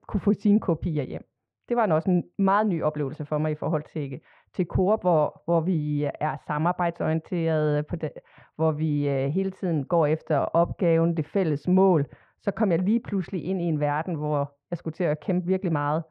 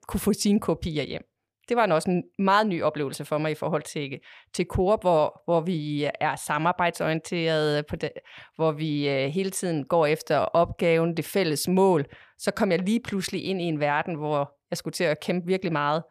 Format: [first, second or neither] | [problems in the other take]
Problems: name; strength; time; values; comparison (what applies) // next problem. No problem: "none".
second | muffled; very; fading above 1.5 kHz